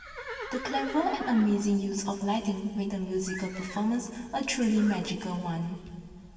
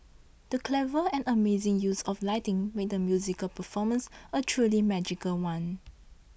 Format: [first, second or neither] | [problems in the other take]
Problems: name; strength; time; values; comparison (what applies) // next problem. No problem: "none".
second | background sound (Livestock, farm animals, working animals); 14 dB below the speech // room echo; dies away in 2.6 s